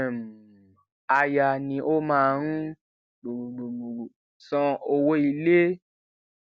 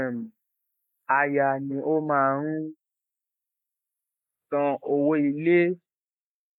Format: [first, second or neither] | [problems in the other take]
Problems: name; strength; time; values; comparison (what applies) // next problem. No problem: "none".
first | noise reduction (neural mask model Resemble Enhance denoiser)